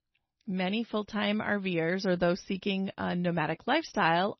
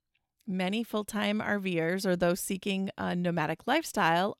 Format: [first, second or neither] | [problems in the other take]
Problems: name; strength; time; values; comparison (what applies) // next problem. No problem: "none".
second | garbled, watery; slightly; nothing above 6 kHz